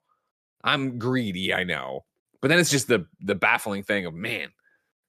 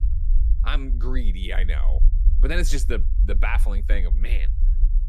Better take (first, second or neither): first